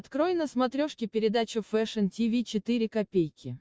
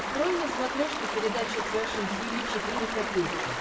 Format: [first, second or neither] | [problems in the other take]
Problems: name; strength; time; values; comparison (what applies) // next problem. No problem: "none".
first | background sound (Stream); as loud as the speech // room echo; dies away in 0.7 s